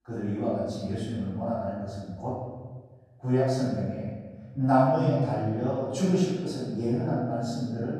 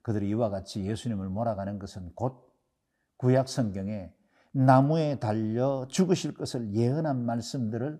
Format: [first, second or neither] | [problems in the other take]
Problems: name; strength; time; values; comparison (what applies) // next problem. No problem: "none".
second | room echo; strong; dies away in 1.3 s // off-mic speech; far